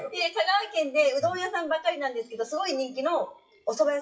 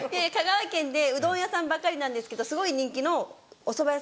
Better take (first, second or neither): second